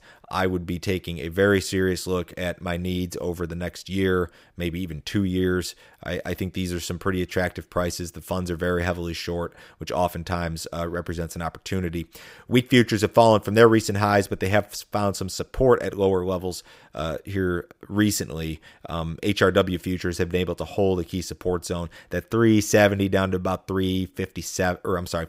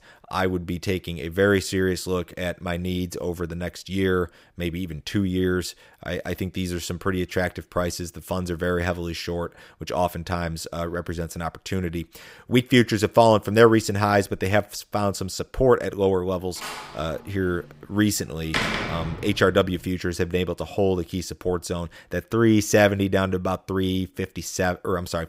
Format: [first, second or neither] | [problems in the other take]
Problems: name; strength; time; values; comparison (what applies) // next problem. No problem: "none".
first | door banging; loud; from 17 to 20 s; peak level with the speech